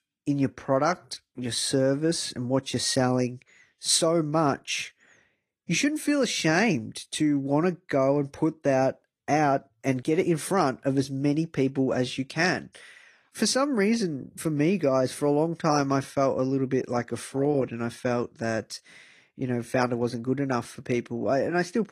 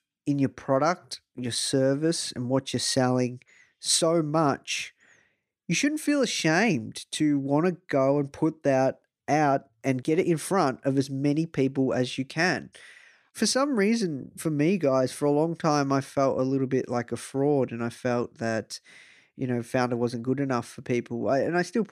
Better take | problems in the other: second | garbled, watery; slightly; nothing above 14.5 kHz

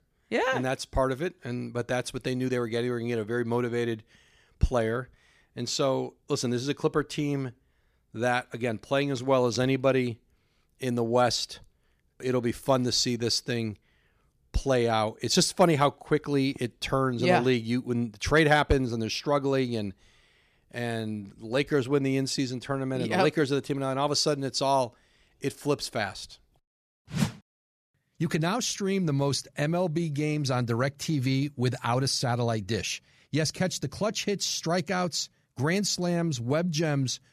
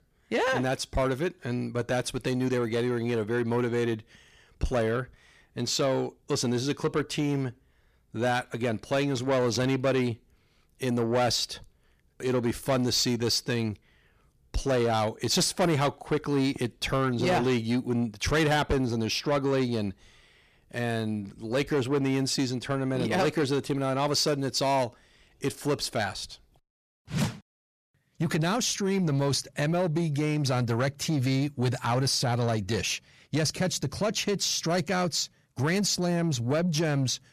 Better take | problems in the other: first | distortion; slight; 10 dB below the speech

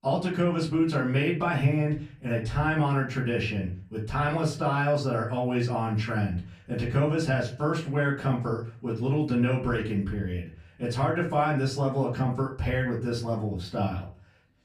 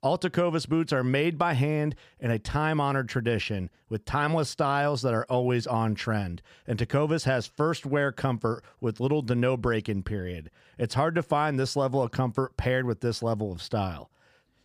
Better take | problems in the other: second | off-mic speech; far // room echo; slight; dies away in 0.4 s

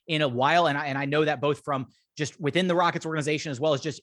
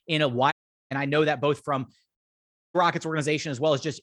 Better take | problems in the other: first | audio cutting out; at 0.5 s and at 2 s for 0.5 s

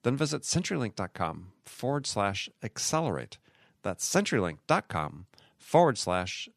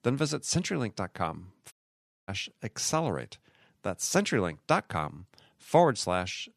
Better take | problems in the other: first | audio cutting out; at 1.5 s for 0.5 s

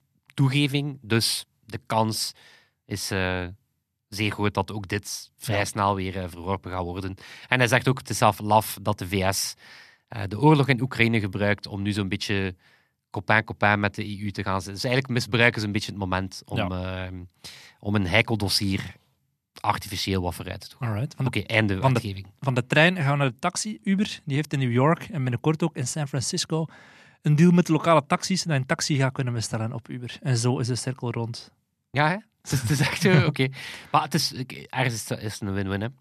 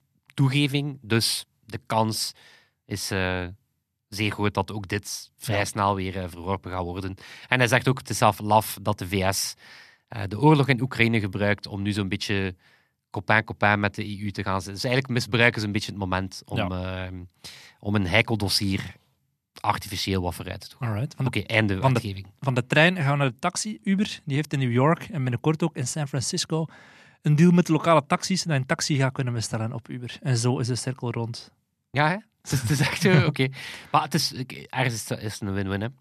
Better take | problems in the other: neither | none

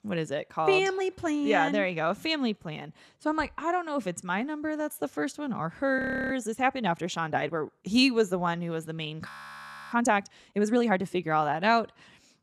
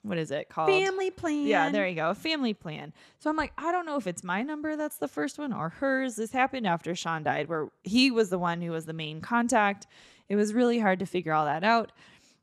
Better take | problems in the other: second | audio freezing; at 6 s and at 9.5 s for 0.5 s

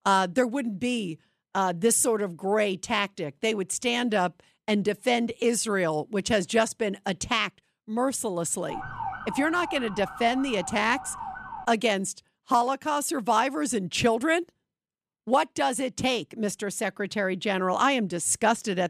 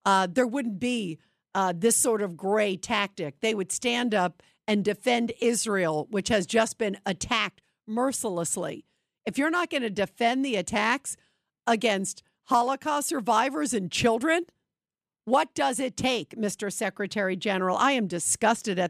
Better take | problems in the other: second | siren; noticeable; from 8.5 to 12 s; peak 8 dB below the speech

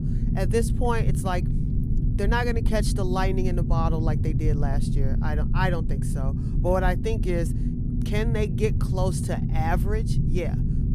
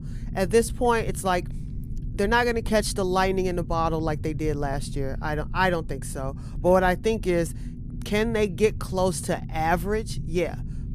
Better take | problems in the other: second | low rumble; loud; throughout; 8 dB below the speech; faint in the second

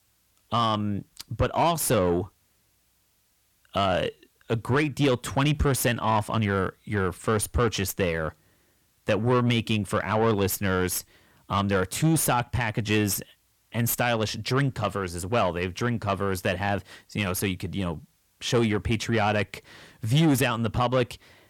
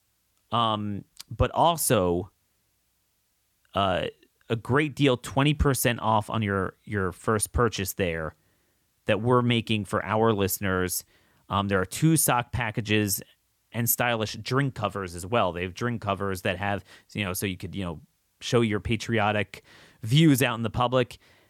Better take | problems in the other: second | distortion; slight; 10 dB below the speech

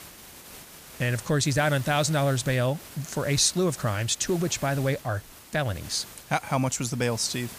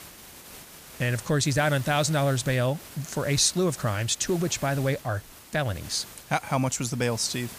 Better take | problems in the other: neither | hiss; noticeable; throughout; 15 dB below the speech; the same in both

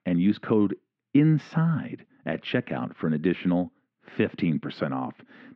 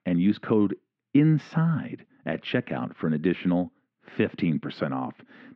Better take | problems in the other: neither | muffled; very; fading above 2.5 kHz; the same in both

